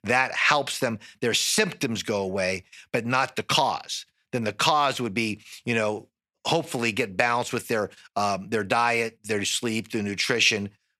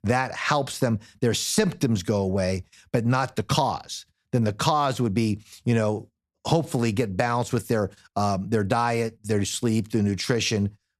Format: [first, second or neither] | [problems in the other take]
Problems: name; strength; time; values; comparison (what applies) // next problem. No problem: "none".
second | thin; somewhat; fading below 400 Hz